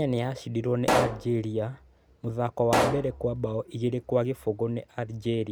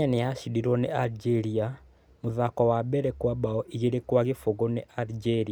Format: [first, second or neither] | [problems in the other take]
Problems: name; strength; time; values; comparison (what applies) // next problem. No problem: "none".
second | background sound (Explosion); 2 dB below the speech